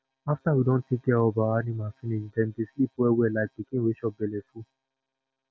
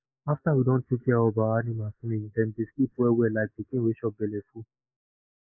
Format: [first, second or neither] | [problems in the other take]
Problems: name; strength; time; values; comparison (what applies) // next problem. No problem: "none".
first | noise reduction (neural mask model Resemble Enhance denoiser)